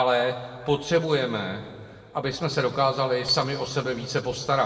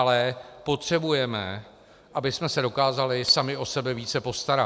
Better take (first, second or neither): second